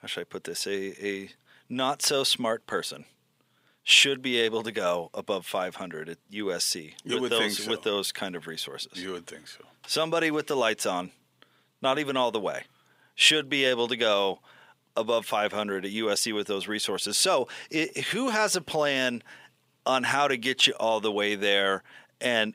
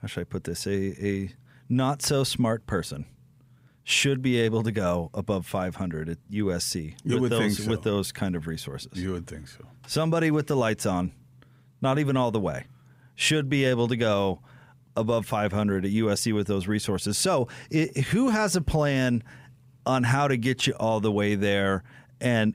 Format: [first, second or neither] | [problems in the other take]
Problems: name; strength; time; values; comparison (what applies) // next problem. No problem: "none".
second | thin; somewhat; fading below 400 Hz